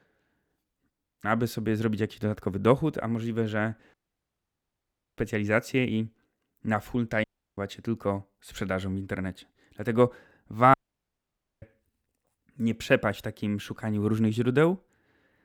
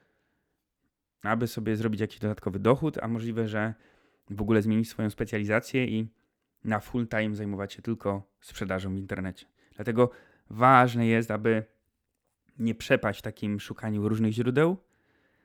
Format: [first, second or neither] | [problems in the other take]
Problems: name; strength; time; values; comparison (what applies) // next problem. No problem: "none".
second | audio cutting out; at 4 s for 1 s, at 7 s and at 11 s for 1 s